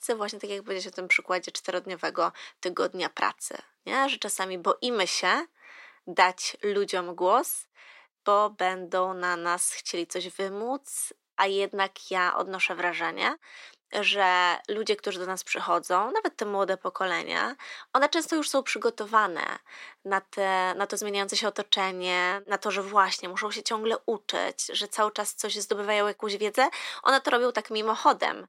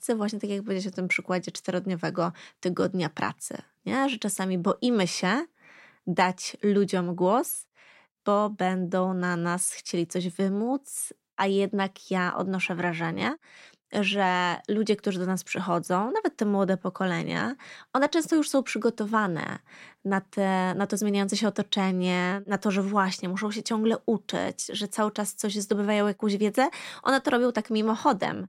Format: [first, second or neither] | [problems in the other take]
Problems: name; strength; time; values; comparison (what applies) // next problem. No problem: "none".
second | thin; very; fading below 350 Hz